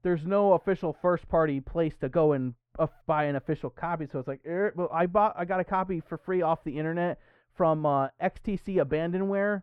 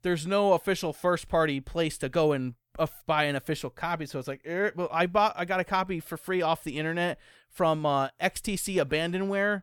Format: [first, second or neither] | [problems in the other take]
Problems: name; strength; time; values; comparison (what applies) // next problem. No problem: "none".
second | muffled; very; fading above 3.5 kHz